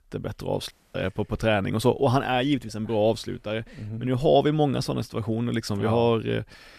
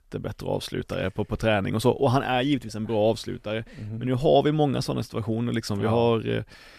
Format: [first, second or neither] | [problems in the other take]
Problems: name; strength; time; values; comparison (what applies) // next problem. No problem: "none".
second | audio cutting out; at 0.5 s